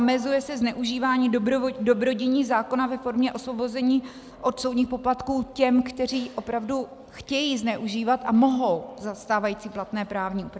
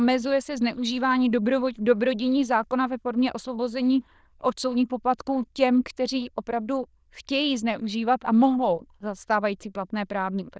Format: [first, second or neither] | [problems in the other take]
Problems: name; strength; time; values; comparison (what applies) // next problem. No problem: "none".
first | noise reduction (neural diffusion model UNIVERSE++)